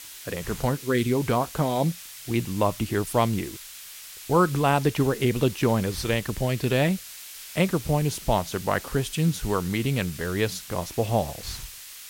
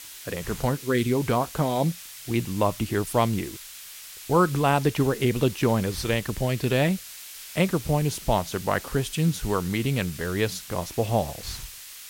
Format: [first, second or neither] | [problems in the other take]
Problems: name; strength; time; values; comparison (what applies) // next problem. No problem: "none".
neither | hiss; noticeable; throughout; 15 dB below the speech; the same in both